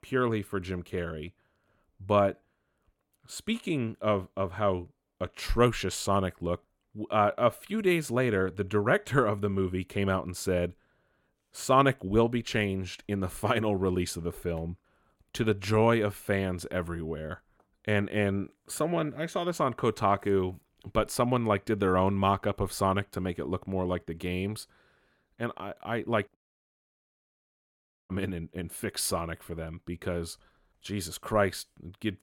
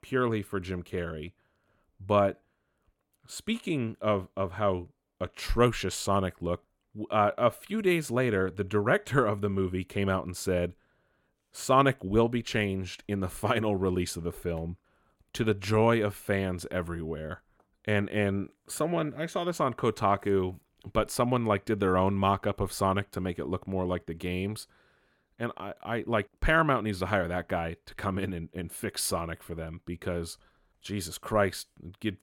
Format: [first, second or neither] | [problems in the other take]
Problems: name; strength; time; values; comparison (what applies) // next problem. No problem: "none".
second | audio cutting out; at 26 s for 1.5 s